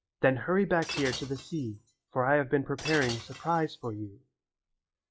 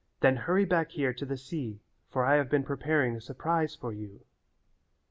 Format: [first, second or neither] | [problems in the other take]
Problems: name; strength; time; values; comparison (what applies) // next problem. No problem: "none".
second | noise reduction (classical method log-MMSE)